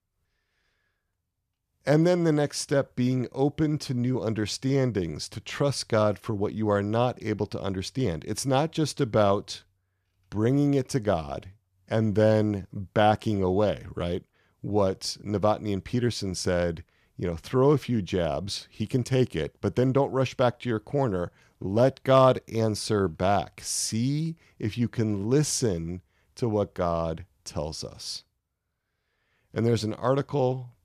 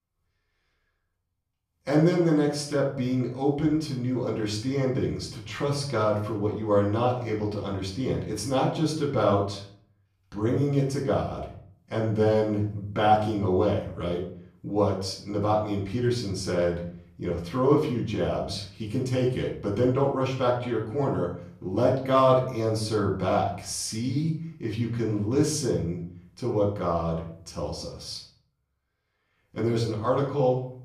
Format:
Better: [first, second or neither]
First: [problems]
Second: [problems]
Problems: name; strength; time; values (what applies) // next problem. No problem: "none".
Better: first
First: none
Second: off-mic speech; far // room echo; noticeable; dies away in 0.5 s